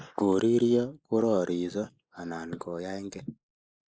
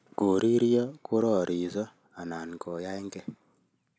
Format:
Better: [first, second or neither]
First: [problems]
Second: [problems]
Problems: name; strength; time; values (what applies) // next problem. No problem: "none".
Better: second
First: noise reduction (neural mask model Resemble Enhance denoiser)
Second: none